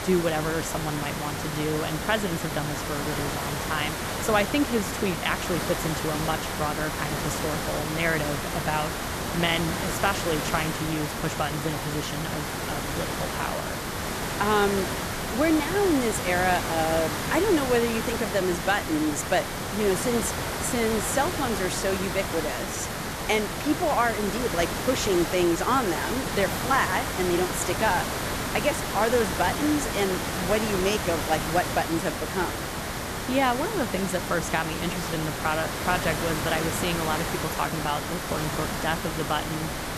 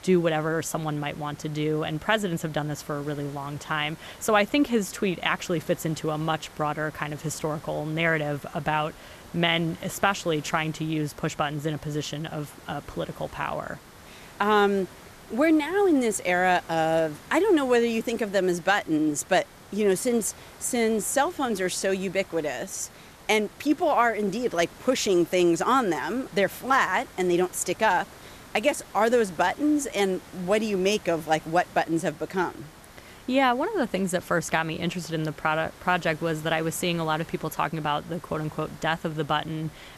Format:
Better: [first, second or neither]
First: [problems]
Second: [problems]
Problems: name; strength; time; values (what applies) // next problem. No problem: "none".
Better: second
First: hiss; loud; throughout; 2 dB below the speech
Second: hiss; faint; throughout; 20 dB below the speech